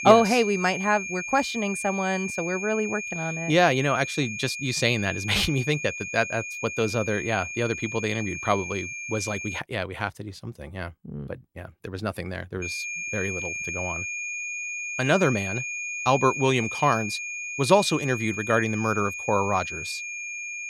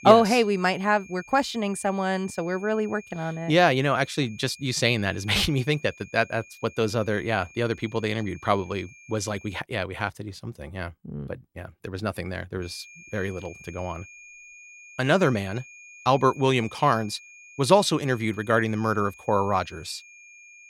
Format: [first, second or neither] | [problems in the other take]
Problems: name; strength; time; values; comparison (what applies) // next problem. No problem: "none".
second | high-pitched whine; loud; until 9.5 s and from 13 s on; 2.5 kHz, 6 dB below the speech; faint in the second